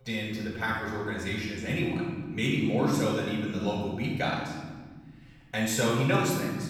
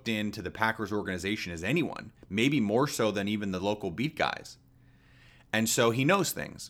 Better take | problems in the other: second | off-mic speech; far // room echo; noticeable; dies away in 1.8 s

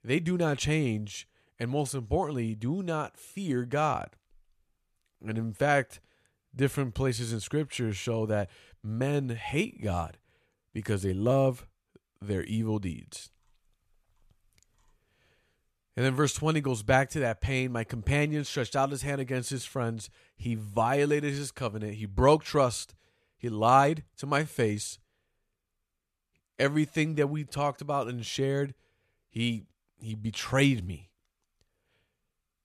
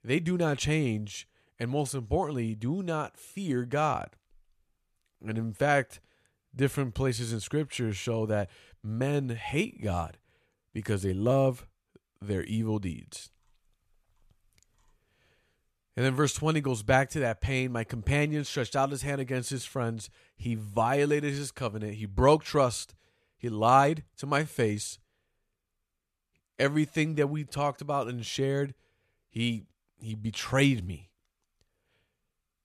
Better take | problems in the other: neither | none

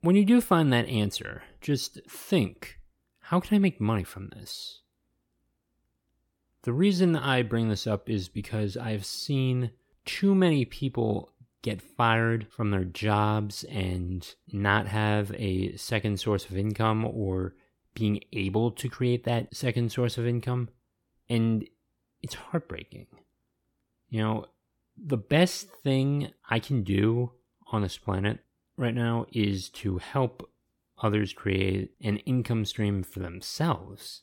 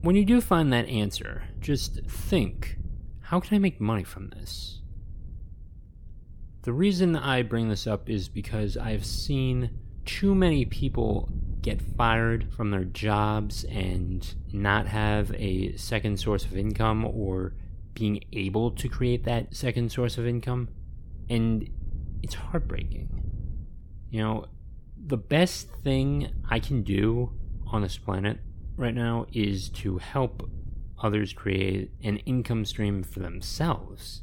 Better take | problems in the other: first | wind noise on the microphone; occasional gusts; 25 dB below the speech

